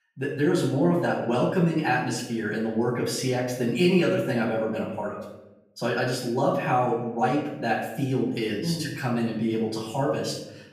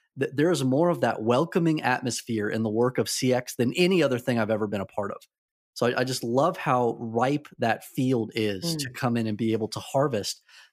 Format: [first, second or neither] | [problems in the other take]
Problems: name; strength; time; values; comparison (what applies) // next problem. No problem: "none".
second | off-mic speech; far // room echo; noticeable; dies away in 0.8 s